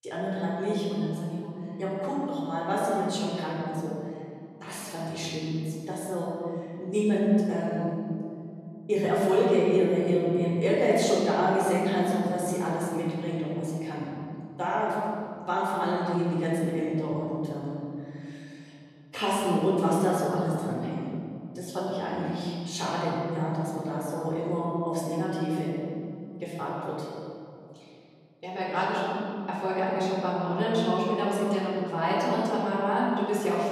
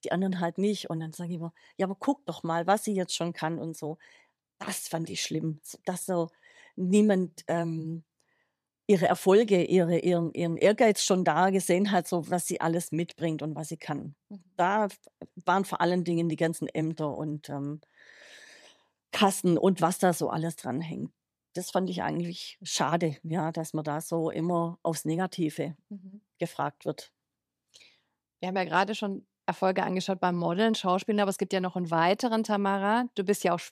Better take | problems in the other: second | room echo; strong; dies away in 2.4 s // off-mic speech; far

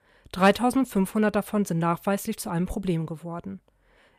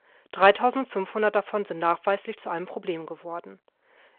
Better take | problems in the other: first | phone-call audio

